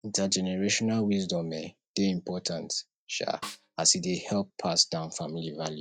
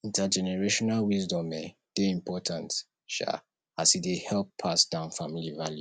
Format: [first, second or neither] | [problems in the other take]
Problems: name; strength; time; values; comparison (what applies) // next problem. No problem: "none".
second | noise reduction (neural mask model DeepFilterNet 3)